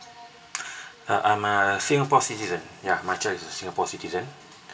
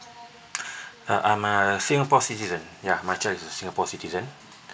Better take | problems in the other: second | room echo; dies away in 1.9 s

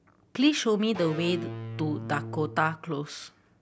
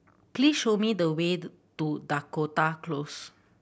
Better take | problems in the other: second | background sound (Electric guitar / Bass guitar); 9 dB below the speech

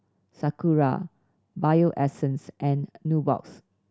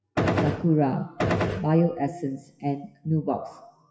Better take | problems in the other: first | noise reduction (classical method WPE with log-MMSE)

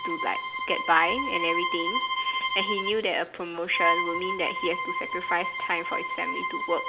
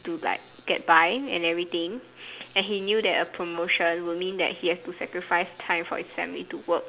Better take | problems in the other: second | background sound (Bowed string instrument); as loud as the speech

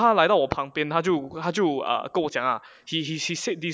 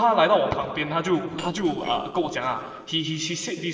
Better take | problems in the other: first | noise reduction (neural separator model SepFormer DNS4)

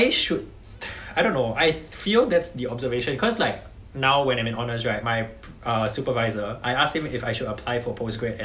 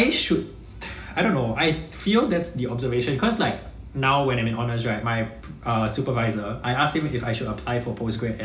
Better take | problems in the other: first | room echo; dies away in 0.4 s

